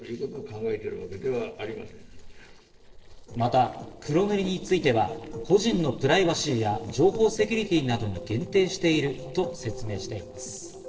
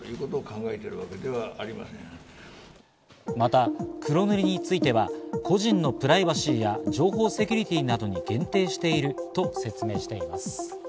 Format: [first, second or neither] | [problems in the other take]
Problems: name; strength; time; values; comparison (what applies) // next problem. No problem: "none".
second | noise reduction (neural separator model SepFormer DNS4)